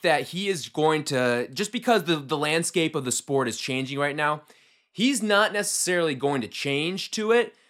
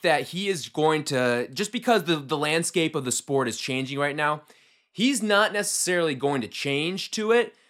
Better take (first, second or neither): neither